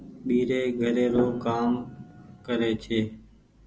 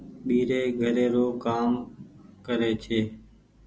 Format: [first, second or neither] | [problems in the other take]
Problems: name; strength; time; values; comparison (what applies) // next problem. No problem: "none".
second | background sound (Piano); 12 dB below the speech